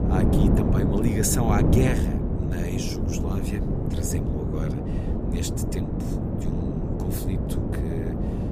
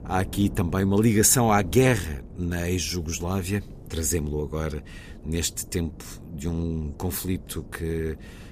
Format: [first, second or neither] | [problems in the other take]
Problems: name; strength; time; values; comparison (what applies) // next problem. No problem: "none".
second | wind noise on the microphone; heavy; 1 dB above the speech; occasional gusts in the second